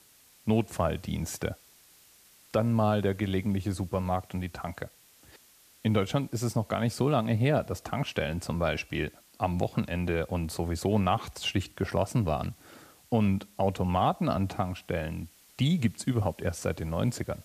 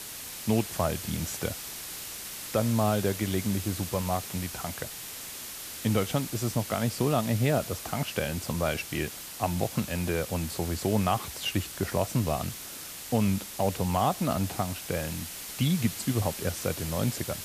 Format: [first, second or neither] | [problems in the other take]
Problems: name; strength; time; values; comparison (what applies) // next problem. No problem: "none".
first | hiss; loud; throughout; 7 dB below the speech; faint in the first